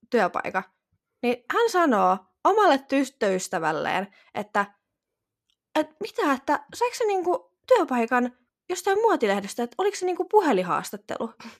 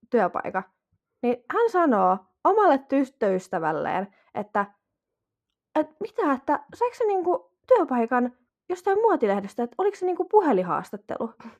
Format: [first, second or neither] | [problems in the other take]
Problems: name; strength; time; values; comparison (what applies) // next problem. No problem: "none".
first | muffled; slightly; fading above 2 kHz